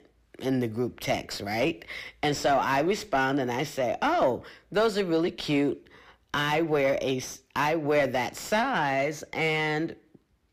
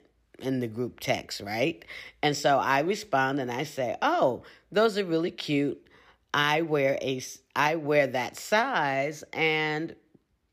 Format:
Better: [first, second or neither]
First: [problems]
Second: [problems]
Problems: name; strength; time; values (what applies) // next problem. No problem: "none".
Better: second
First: distortion; slight; 9 dB below the speech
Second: none